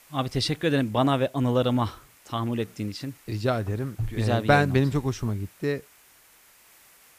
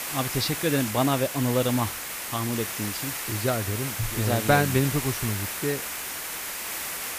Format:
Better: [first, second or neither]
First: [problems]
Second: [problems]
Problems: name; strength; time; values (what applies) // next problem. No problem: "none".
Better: first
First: hiss; faint; throughout; 25 dB below the speech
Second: hiss; loud; throughout; 3 dB below the speech